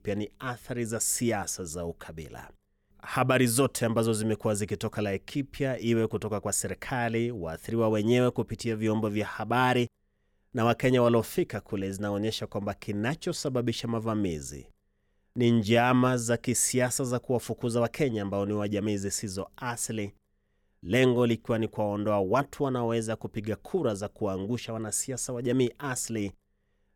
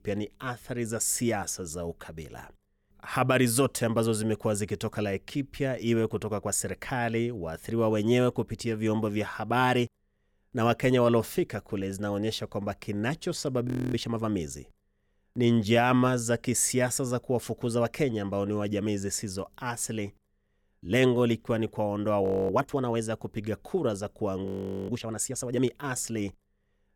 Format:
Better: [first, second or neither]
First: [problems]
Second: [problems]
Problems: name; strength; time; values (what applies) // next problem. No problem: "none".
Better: first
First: none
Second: audio freezing; at 14 s, at 22 s and at 24 s